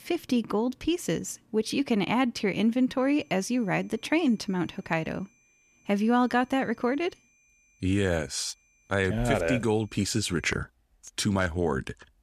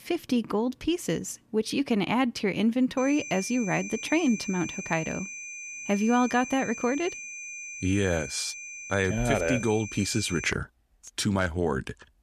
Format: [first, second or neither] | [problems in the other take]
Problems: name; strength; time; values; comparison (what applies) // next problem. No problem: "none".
first | high-pitched whine; loud; from 3 to 11 s; 2.5 kHz, 9 dB below the speech; faint in the first